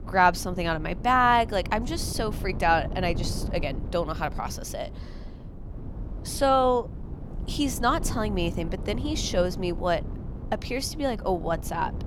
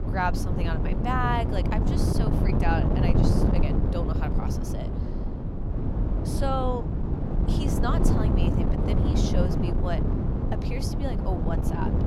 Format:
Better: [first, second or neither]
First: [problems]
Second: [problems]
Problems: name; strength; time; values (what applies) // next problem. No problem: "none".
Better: first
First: wind noise on the microphone; occasional gusts; 20 dB below the speech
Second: wind noise on the microphone; heavy; 2 dB below the speech